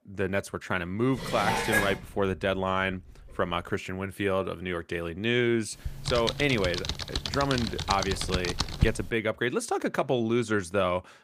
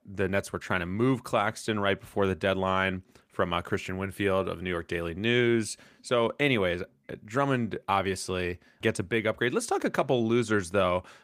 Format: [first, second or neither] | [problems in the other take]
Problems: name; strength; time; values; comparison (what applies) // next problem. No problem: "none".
second | clattering dishes; loud; at 1 s; peak 3 dB above the speech // keyboard typing; loud; from 6 to 9 s; peak level with the speech